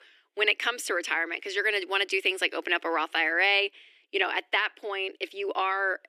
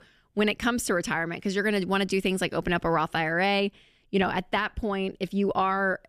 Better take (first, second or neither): second